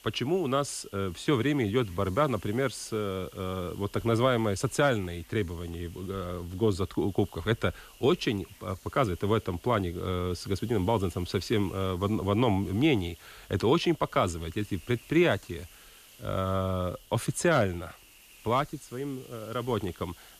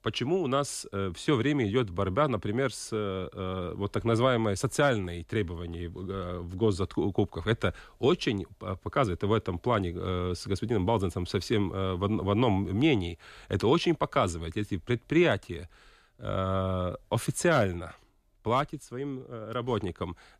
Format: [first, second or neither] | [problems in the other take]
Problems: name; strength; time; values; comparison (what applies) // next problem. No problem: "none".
second | hiss; faint; throughout; 25 dB below the speech